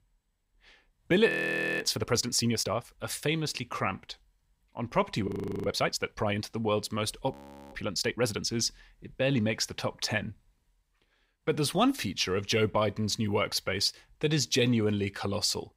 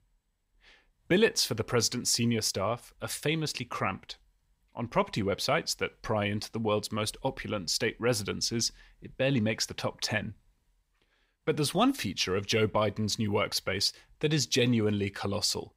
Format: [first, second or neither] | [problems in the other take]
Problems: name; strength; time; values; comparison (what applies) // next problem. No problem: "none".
second | audio freezing; at 1.5 s for 0.5 s, at 5.5 s and at 7.5 s